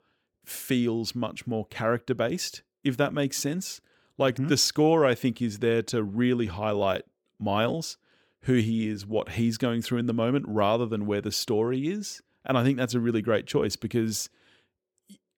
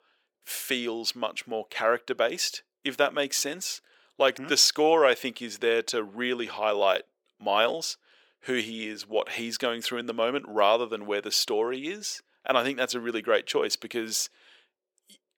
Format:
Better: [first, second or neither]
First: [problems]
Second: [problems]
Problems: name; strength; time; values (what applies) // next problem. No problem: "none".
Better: first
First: none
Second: thin; somewhat; fading below 550 Hz